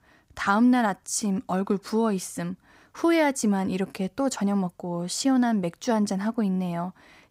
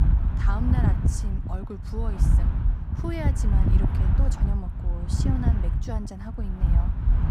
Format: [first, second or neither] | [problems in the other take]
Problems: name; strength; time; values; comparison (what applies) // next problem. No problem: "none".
first | wind noise on the microphone; heavy; as loud as the speech